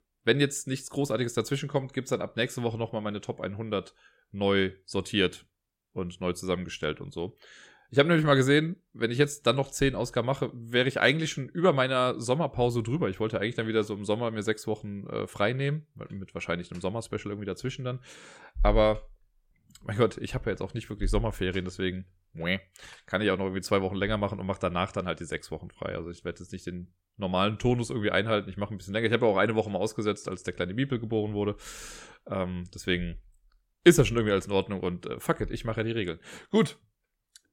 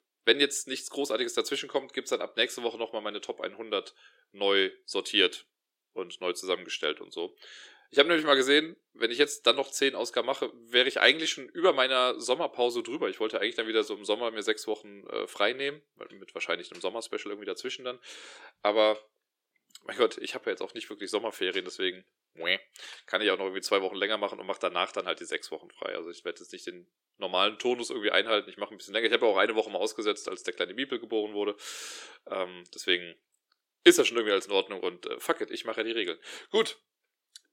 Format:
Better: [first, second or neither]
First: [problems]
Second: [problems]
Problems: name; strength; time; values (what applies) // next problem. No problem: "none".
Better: first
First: none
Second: thin; somewhat; fading below 350 Hz